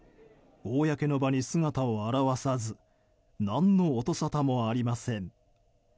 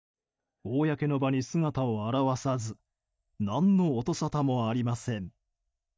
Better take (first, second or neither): first